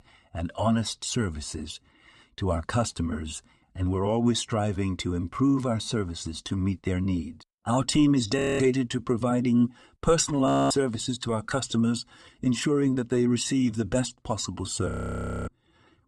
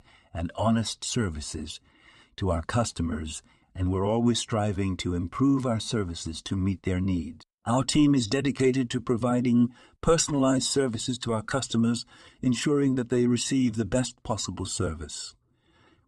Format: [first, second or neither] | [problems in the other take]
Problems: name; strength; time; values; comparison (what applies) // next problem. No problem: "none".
second | audio freezing; at 8.5 s, at 10 s and at 15 s for 0.5 s